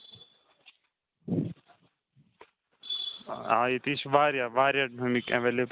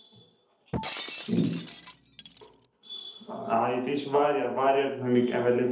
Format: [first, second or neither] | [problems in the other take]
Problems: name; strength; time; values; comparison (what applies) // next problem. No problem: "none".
first | background sound (Shatter); 14 dB below the speech // room echo; dies away in 2.2 s